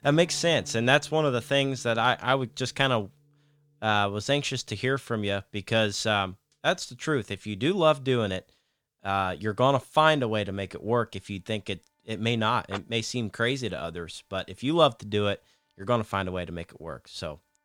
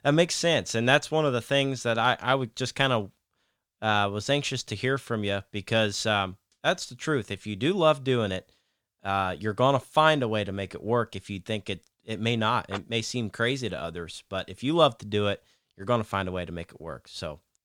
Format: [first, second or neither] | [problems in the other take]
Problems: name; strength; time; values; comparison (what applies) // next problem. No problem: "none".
second | background music; faint; throughout; 25 dB below the speech